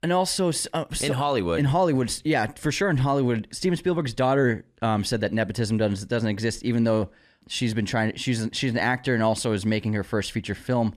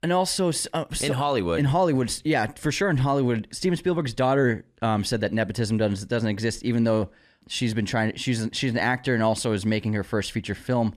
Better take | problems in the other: neither | none

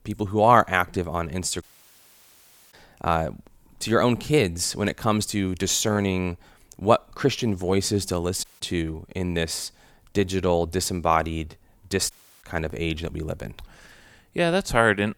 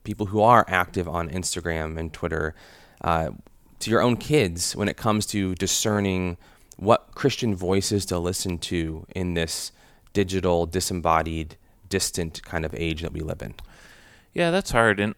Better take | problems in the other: second | audio cutting out; at 1.5 s for 1 s, at 8.5 s and at 12 s

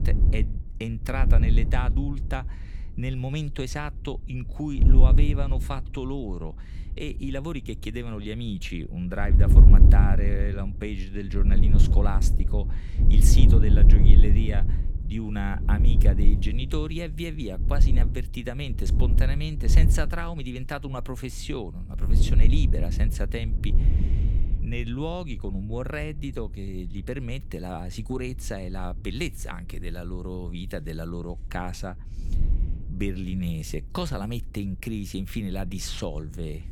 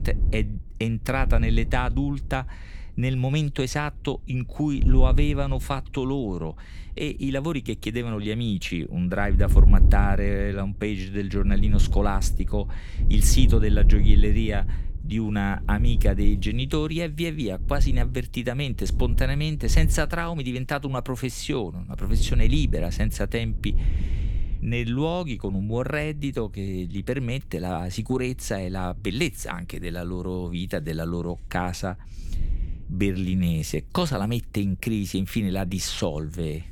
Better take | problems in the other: second | wind noise on the microphone; heavy; 4 dB below the speech; occasional gusts in the second

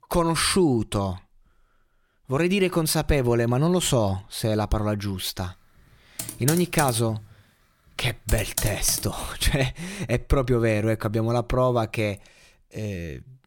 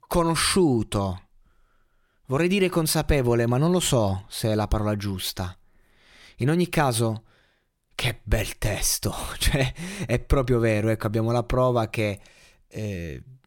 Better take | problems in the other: second | keyboard typing; noticeable; from 6 to 9 s; peak 3 dB below the speech

